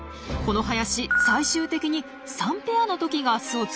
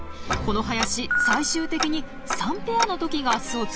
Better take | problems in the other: first | background sound (Tick-tock); 4 dB below the speech

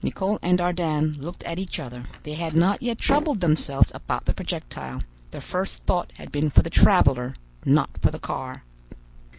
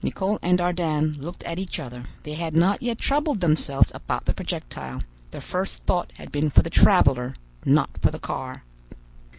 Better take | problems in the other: second | background sound (Slam); 12 dB below the speech

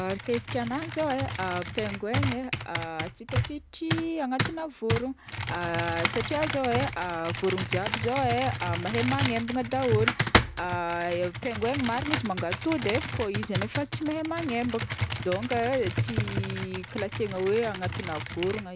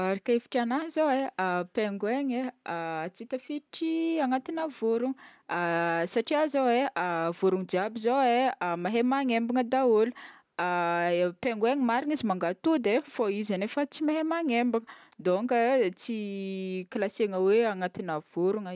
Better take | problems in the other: second | background sound (Computer keyboard); 2 dB below the speech

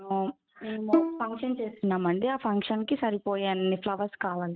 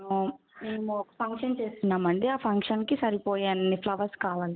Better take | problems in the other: second | noise reduction (neural mask model RNNoise)

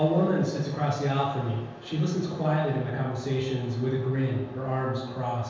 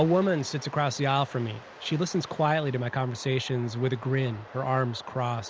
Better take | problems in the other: second | room echo; dies away in 1.2 s

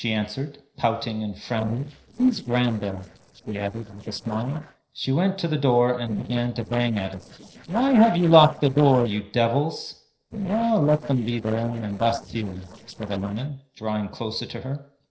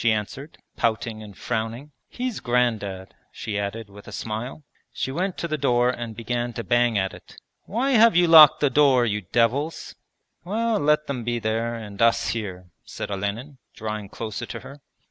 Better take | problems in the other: second | noise reduction (neural separator model SepFormer DNS4)

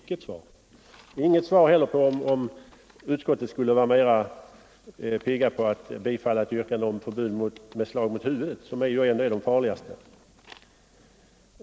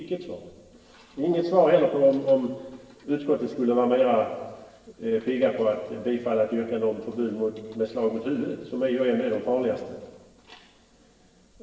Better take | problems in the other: first | room echo; dies away in 1.2 s

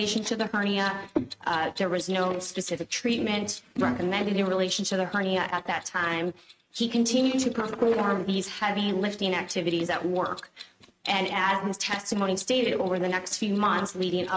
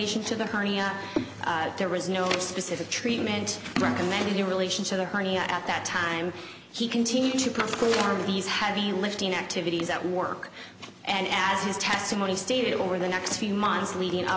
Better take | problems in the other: second | noise reduction (neural mask model RNNoise)

